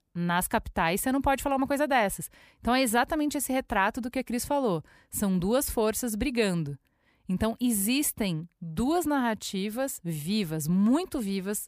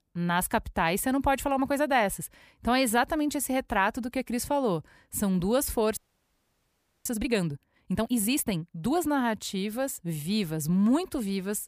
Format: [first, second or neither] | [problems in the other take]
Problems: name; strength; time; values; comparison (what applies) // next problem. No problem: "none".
first | audio freezing; at 6 s for 1 s